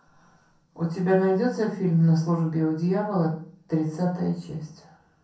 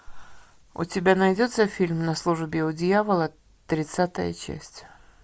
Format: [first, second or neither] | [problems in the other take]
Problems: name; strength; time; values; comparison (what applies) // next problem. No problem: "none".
second | room echo; dies away in 0.5 s